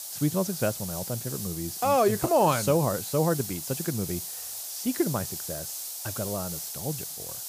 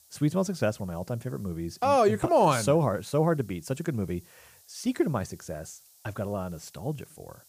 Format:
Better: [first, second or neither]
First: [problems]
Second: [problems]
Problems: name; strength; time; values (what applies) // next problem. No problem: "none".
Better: second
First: hiss; loud; throughout; 6 dB below the speech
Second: hiss; faint; throughout; 25 dB below the speech